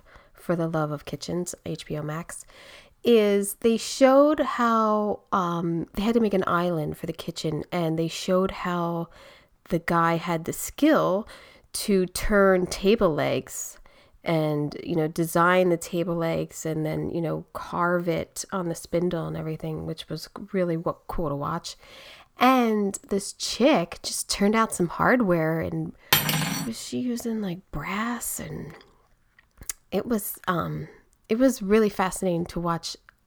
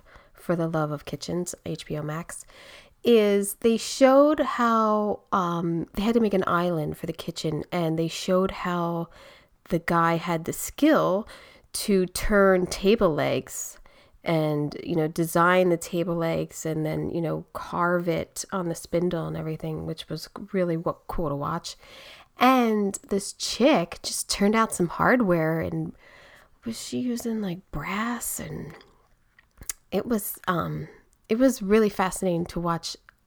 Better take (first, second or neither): second